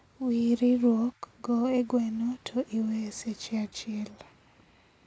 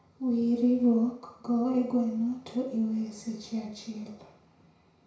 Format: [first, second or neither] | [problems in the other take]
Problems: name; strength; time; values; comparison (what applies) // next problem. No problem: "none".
first | room echo; dies away in 0.6 s